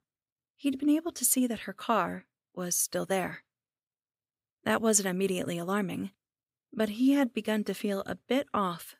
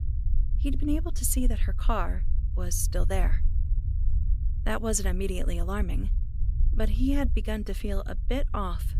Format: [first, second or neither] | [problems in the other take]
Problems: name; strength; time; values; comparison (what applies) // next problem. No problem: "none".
first | low rumble; noticeable; throughout; 15 dB below the speech